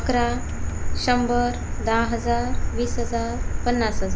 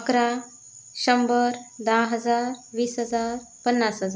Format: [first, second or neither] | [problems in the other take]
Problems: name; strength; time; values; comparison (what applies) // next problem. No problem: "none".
second | background sound (Motor vehicle (road)); 1 dB above the speech